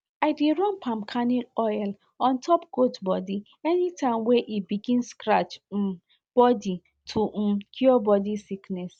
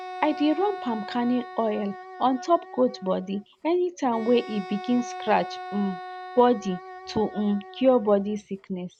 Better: first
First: none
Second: background sound (Wind instrument, woodwind instrument); 14 dB below the speech

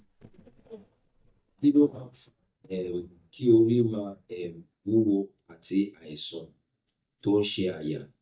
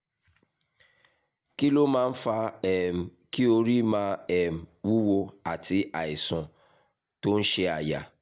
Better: second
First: noise reduction (neural mask model DeepFilterNet 3)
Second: none

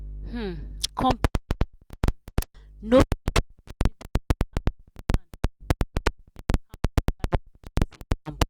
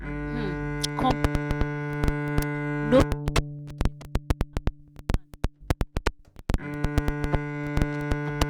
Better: first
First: none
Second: background sound (Bowed string instrument); 4 dB below the speech

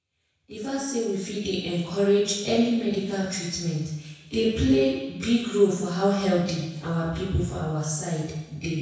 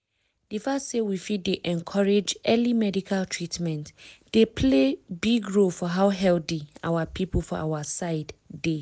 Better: second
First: room echo; dies away in 1 s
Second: none

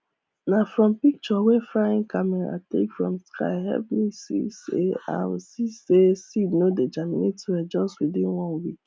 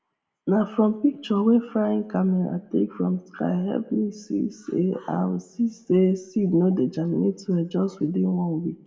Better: first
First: none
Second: room echo; dies away in 0.7 s

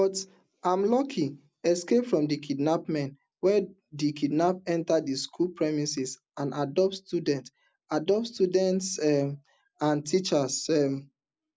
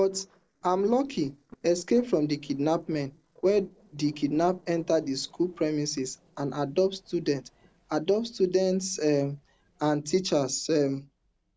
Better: first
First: none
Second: noise reduction (neural separator model SepFormer DNS4)

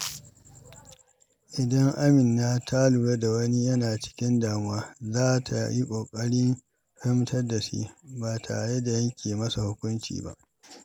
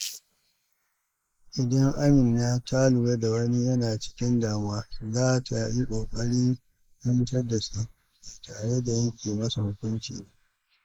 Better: first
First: none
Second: noise reduction (neural mask model Resemble Enhance denoiser)

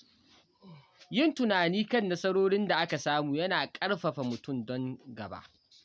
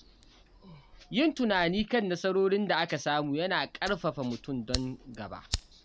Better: first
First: none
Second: background sound (Fire); 14 dB below the speech

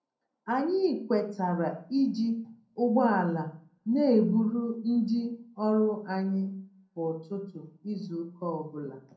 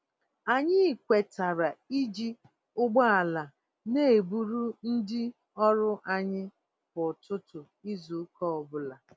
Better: second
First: room echo; dies away in 0.6 s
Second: none

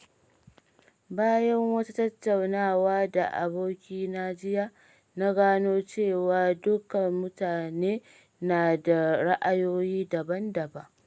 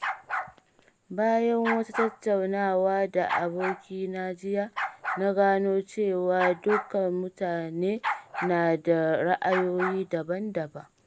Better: first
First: none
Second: background sound (Bark); 9 dB below the speech

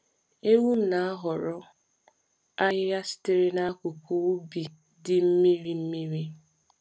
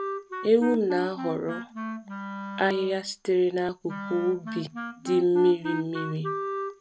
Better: first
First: none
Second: background sound (Wind instrument, woodwind instrument); 8 dB below the speech

